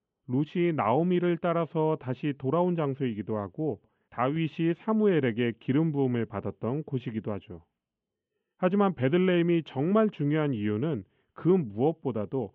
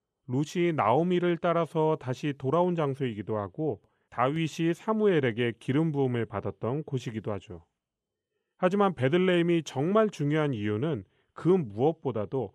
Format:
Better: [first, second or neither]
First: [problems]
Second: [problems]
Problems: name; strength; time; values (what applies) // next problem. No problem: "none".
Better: second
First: muffled; very; fading above 3 kHz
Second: none